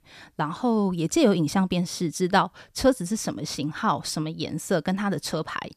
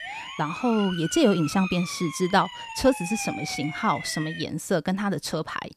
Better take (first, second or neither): first